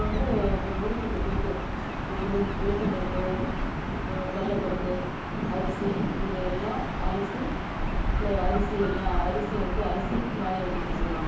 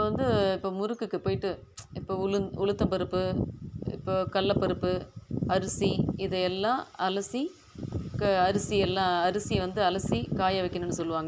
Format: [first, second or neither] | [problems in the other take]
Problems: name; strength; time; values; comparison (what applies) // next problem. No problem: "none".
second | background sound (Gull, seagull / Ocean); 1 dB above the speech // room echo; dies away in 0.8 s